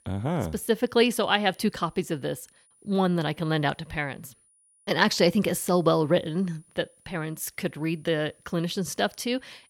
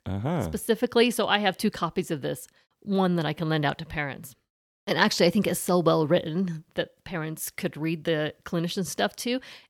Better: second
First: high-pitched whine; faint; throughout; 9.5 kHz, 35 dB below the speech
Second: none

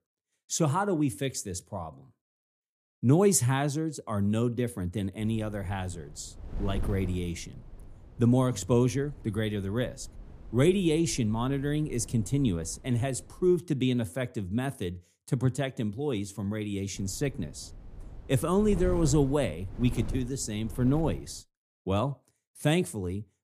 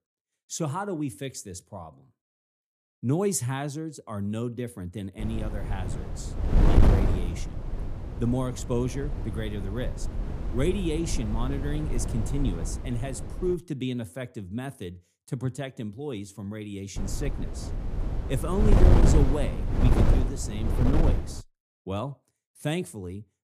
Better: first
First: wind noise on the microphone; occasional gusts; from 5 to 14 s and from 17 to 21 s; 20 dB below the speech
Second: wind noise on the microphone; heavy; from 5 to 14 s and from 17 to 21 s; 2 dB below the speech

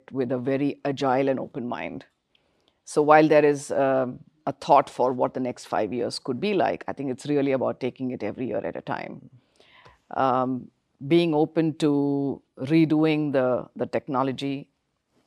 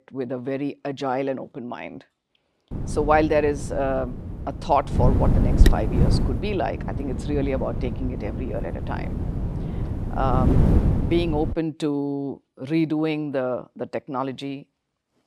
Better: first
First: none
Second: wind noise on the microphone; heavy; from 2.5 to 12 s; 7 dB below the speech

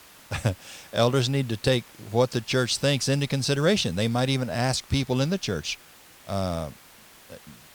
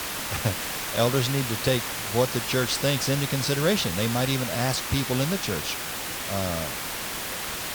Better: first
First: hiss; faint; throughout; 25 dB below the speech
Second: hiss; loud; throughout; 3 dB below the speech

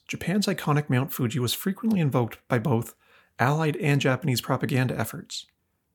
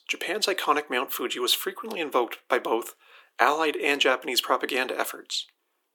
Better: first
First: none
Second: thin; very; fading below 350 Hz

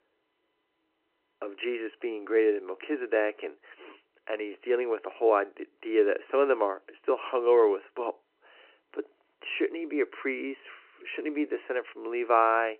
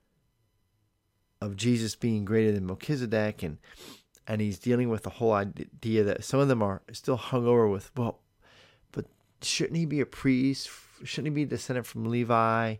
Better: second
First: phone-call audio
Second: none

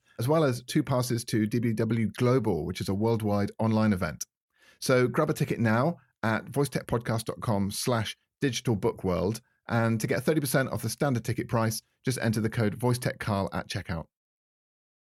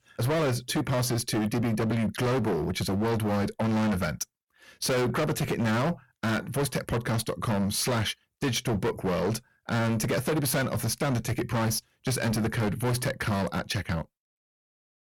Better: first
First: none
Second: distortion; heavy; 24% of the sound clipped

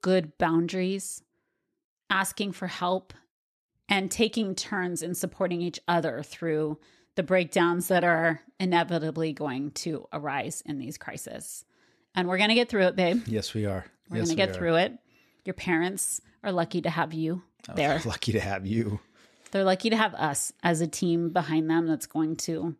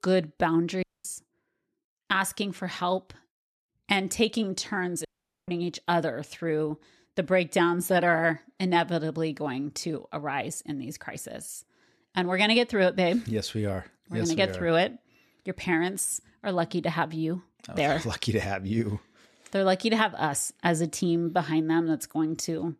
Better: first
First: none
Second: audio cutting out; at 1 s and at 5 s

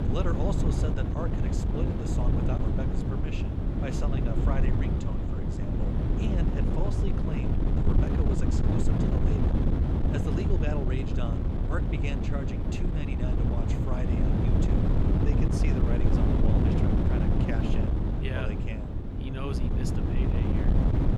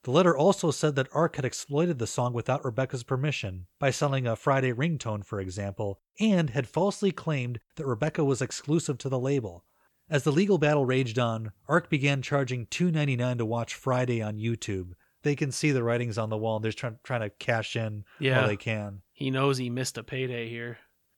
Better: second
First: wind noise on the microphone; heavy; 4 dB above the speech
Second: none

